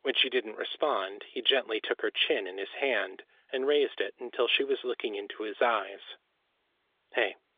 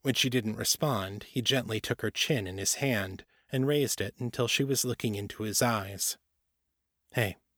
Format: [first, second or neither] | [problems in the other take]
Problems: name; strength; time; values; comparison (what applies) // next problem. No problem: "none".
second | phone-call audio; nothing above 3.5 kHz